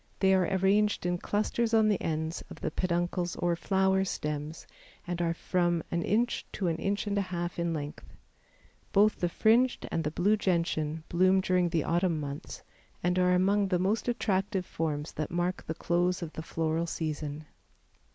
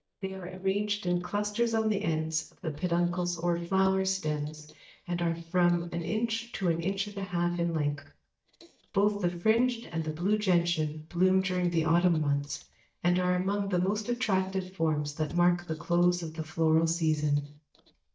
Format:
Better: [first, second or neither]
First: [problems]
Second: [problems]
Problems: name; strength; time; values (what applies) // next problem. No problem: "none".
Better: first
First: none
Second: noise reduction (neural mask model DeepFilterNet 3)